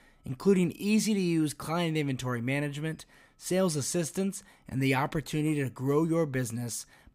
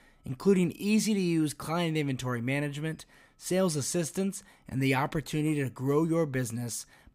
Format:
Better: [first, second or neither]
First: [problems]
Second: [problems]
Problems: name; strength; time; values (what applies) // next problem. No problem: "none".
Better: neither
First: none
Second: none